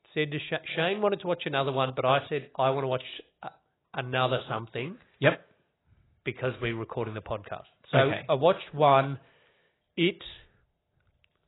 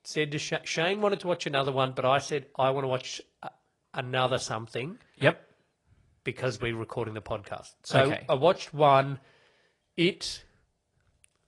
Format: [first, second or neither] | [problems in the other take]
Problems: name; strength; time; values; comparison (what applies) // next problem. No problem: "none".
second | garbled, watery; badly; nothing above 4 kHz; slightly in the second